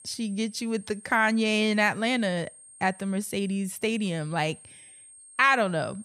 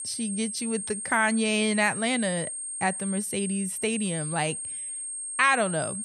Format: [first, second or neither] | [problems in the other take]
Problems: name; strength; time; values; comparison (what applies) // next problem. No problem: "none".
first | high-pitched whine; loud; throughout; 8.5 kHz, 5 dB below the speech; faint in the first